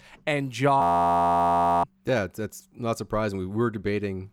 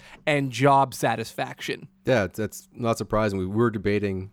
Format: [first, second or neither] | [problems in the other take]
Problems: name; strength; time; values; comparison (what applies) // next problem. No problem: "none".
second | audio freezing; at 1 s for 1 s